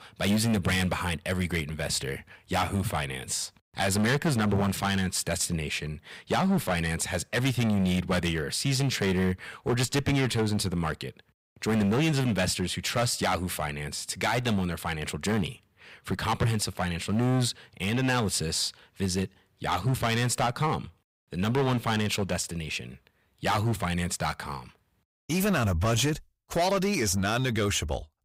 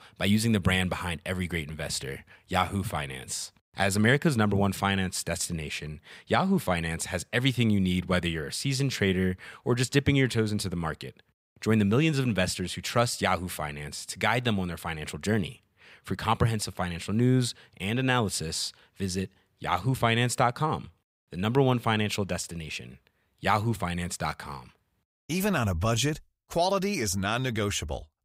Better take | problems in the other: second | distortion; heavy; 9% of the sound clipped

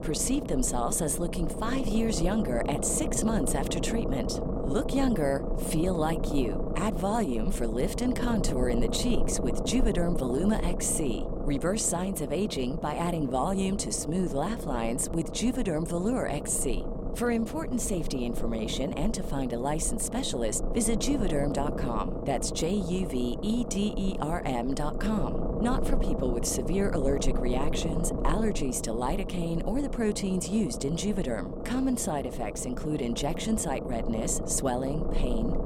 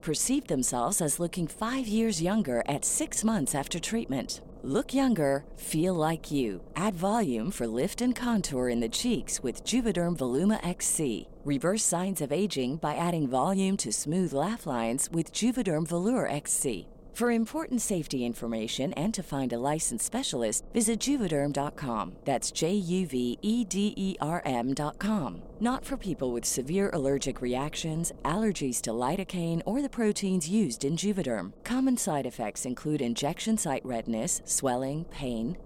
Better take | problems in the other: second | low rumble; loud; throughout; 5 dB below the speech; faint in the second

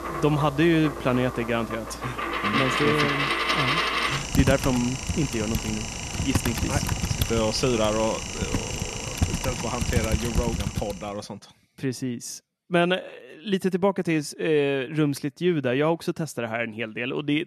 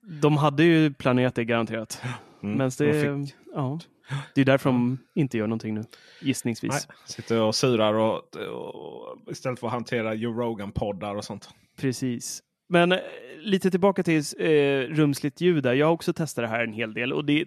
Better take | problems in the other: second | household noises; loud; until 11 s; 1 dB below the speech

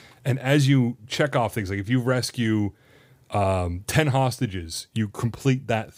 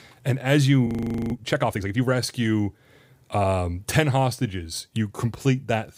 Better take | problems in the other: first | audio freezing; at 1 s

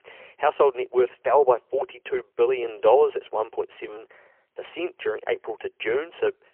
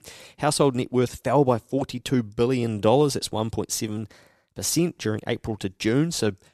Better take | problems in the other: second | phone-call audio; poor line; nothing above 3 kHz

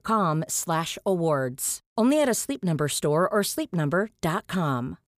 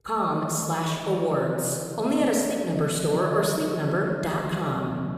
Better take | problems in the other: first | room echo; noticeable; dies away in 2.1 s // off-mic speech; somewhat distant

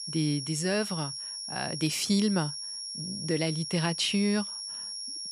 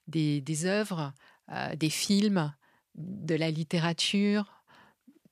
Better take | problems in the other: second | high-pitched whine; loud; throughout; 5.5 kHz, 5 dB below the speech

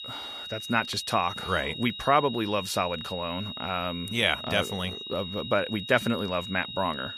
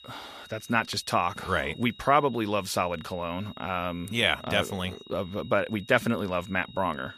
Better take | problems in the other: second | high-pitched whine; loud; throughout; 4 kHz, 8 dB below the speech; faint in the second

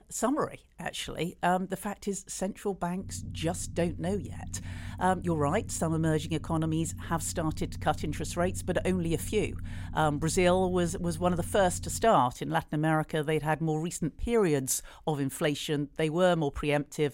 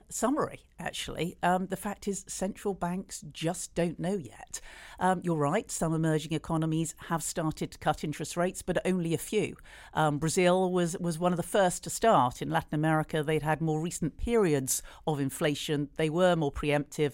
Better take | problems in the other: second | low rumble; faint; from 3 to 12 s; 25 dB below the speech

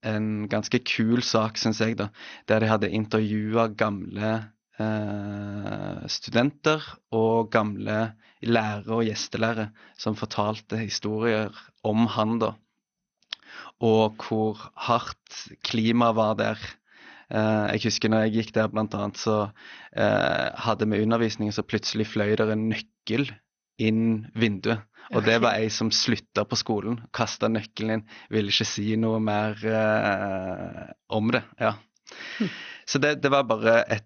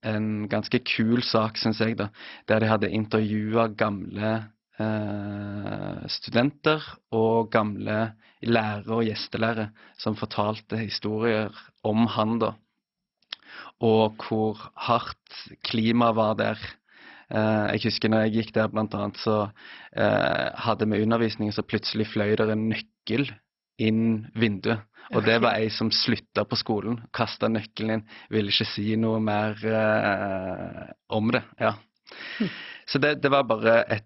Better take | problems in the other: first | garbled, watery; badly; nothing above 5.5 kHz; slightly in the first

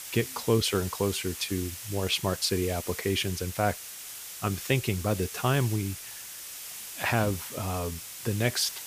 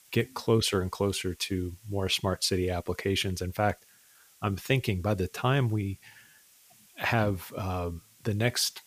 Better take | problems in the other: second | hiss; loud; throughout; 9 dB below the speech; faint in the second

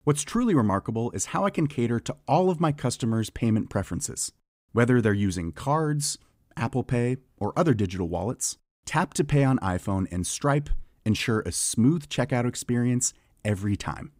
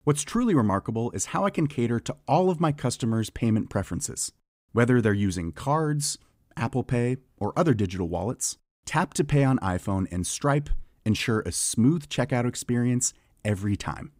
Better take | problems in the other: neither | none

